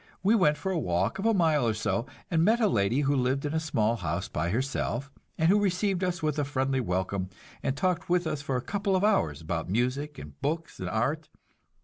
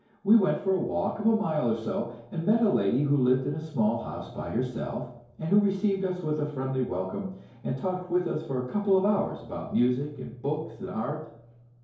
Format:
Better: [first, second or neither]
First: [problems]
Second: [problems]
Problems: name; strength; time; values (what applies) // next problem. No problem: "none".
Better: first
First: none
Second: room echo; dies away in 2.4 s